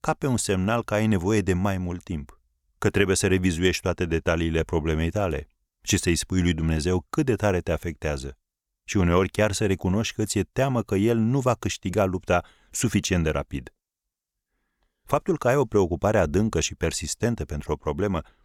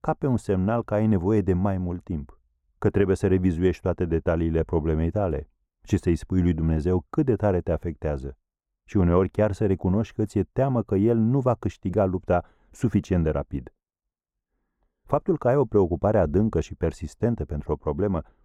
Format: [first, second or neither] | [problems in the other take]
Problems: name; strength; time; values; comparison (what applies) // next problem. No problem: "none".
first | muffled; very; fading above 1.5 kHz